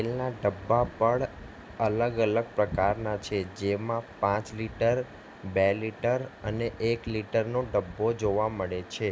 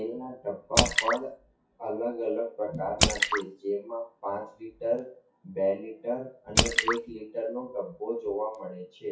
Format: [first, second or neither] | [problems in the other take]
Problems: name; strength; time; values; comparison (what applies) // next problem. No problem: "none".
first | noise reduction (classical method WPE with log-MMSE)